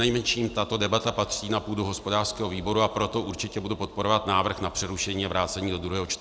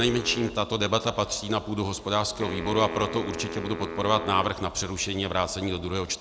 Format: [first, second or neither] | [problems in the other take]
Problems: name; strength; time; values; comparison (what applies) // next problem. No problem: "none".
first | background sound (Wind instrument, woodwind instrument); 12 dB below the speech